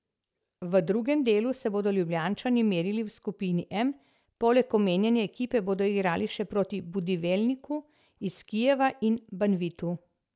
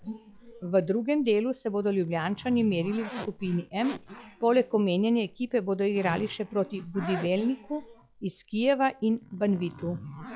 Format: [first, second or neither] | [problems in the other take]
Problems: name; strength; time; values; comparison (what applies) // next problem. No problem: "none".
first | noise reduction (classical method log-MMSE)